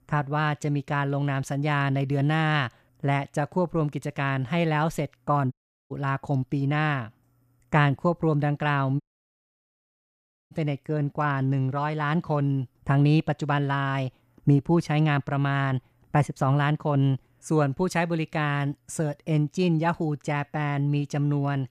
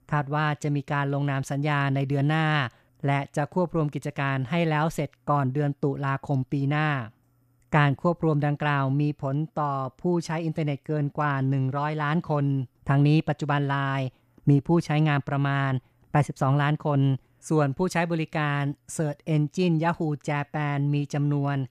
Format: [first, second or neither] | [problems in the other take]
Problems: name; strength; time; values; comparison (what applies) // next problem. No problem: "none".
second | audio cutting out; at 5.5 s and at 9 s for 1.5 s